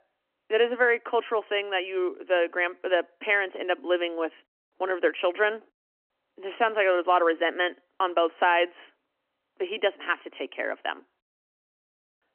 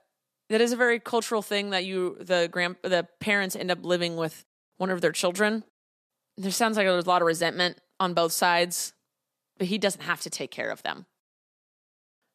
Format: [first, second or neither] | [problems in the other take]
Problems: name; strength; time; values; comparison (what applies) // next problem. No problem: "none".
second | phone-call audio; nothing above 3 kHz